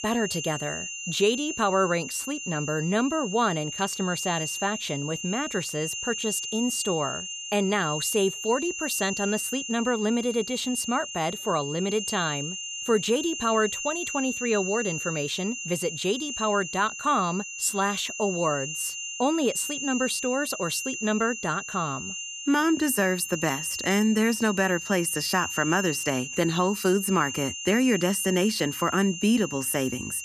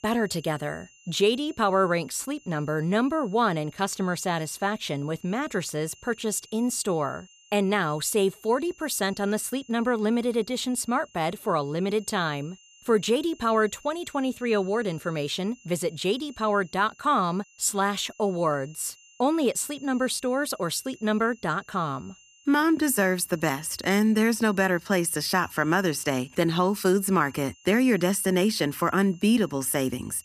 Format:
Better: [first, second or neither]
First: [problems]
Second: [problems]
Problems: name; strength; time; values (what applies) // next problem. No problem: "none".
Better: second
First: high-pitched whine; loud; throughout; 3 kHz, 6 dB below the speech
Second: high-pitched whine; faint; throughout; 3 kHz, 25 dB below the speech